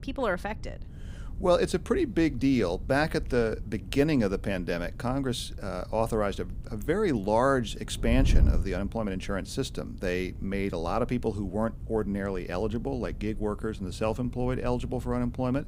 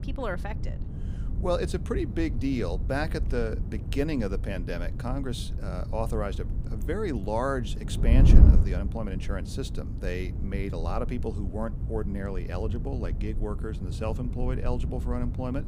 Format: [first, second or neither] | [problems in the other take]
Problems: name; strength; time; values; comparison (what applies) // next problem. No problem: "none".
first | wind noise on the microphone; heavy; 9 dB below the speech; occasional gusts in the first